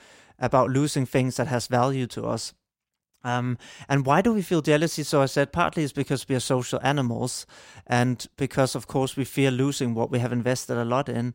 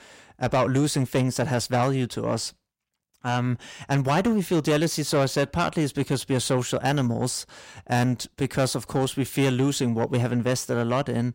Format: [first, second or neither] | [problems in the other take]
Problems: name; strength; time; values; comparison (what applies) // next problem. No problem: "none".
first | distortion; slight; 10 dB below the speech